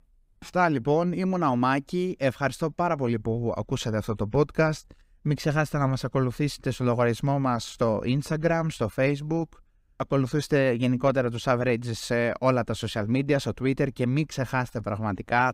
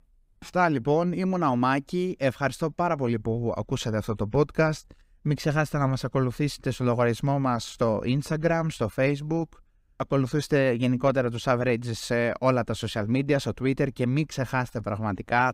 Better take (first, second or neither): neither